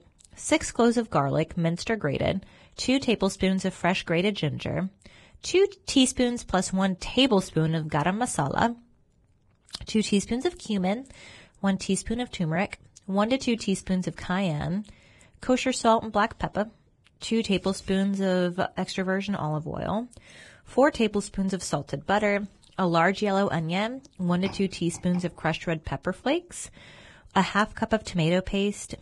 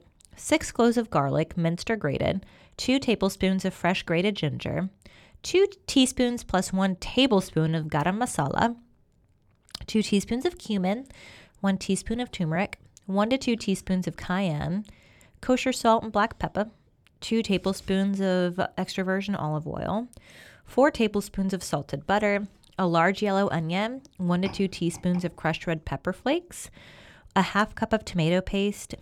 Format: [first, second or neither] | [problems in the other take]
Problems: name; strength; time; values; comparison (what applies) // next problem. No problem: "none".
second | garbled, watery; badly; nothing above 10 kHz